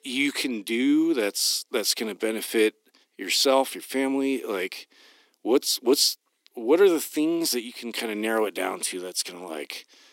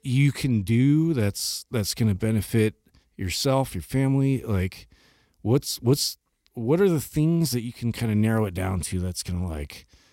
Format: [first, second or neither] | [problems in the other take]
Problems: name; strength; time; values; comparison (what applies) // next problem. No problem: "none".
second | thin; somewhat; fading below 300 Hz